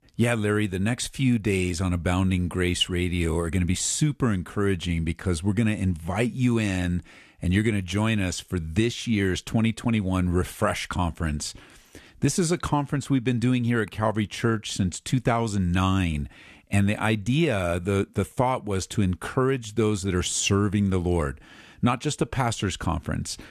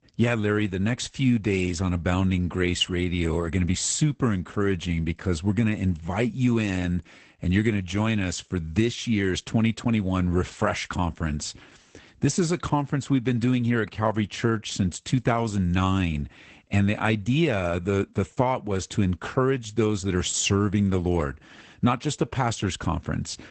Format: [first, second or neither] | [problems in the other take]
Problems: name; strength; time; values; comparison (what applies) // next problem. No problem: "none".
first | garbled, watery; badly; nothing above 8 kHz